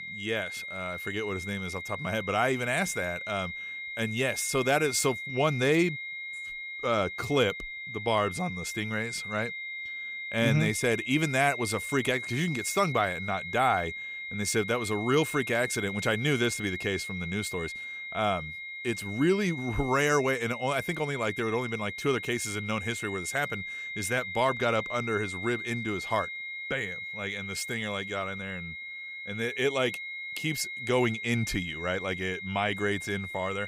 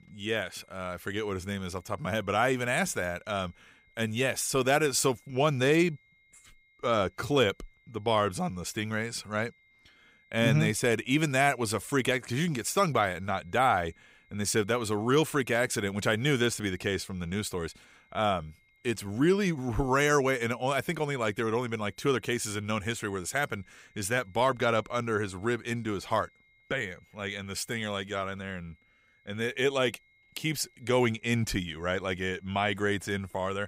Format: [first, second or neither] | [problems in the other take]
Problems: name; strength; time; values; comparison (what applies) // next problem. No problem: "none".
second | high-pitched whine; loud; throughout; 2 kHz, 6 dB below the speech; faint in the second